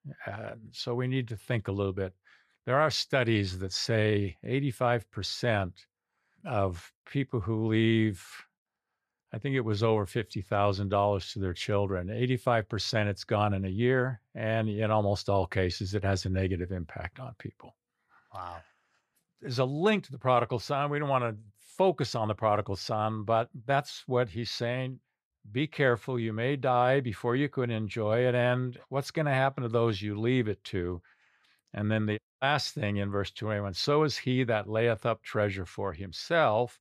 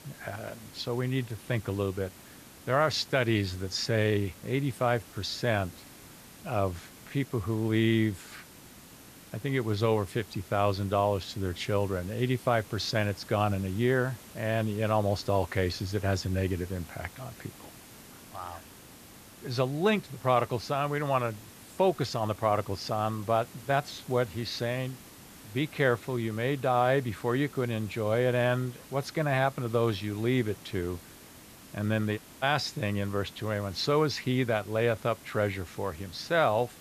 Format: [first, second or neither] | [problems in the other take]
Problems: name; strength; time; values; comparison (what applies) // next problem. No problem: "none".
first | hiss; noticeable; throughout; 20 dB below the speech